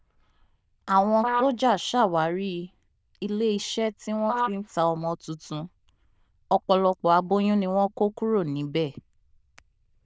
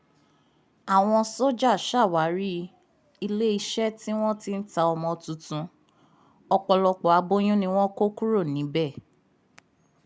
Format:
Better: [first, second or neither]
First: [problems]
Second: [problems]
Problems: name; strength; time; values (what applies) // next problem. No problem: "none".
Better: second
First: noise reduction (neural diffusion model UNIVERSE++)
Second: none